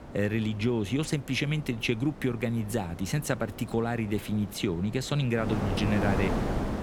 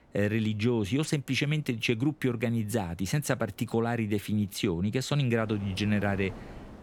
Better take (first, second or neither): second